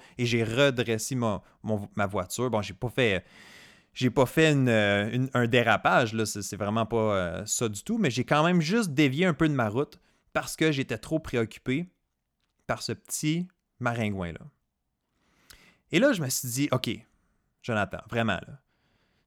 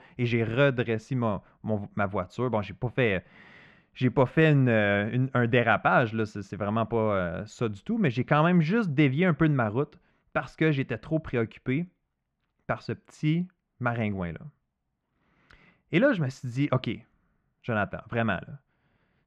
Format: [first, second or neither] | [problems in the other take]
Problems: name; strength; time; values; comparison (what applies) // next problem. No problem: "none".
first | muffled; very; fading above 2 kHz